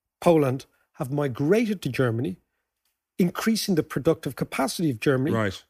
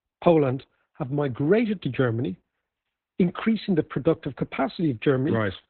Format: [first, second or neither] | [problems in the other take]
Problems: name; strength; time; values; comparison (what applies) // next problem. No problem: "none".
first | garbled, watery; badly; nothing above 4 kHz